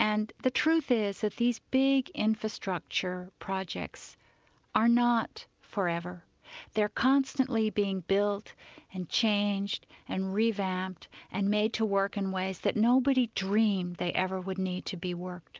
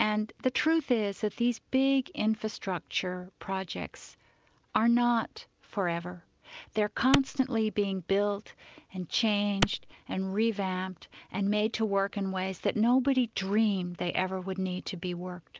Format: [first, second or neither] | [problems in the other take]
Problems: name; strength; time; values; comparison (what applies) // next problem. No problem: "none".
first | background sound (Clapping); as loud as the speech